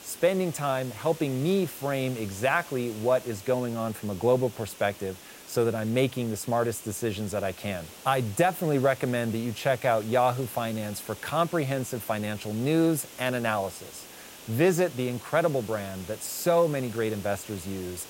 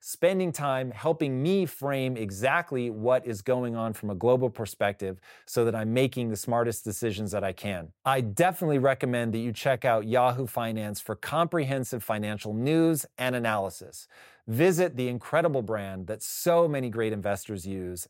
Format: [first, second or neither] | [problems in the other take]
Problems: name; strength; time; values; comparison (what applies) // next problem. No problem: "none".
second | hiss; noticeable; throughout; 15 dB below the speech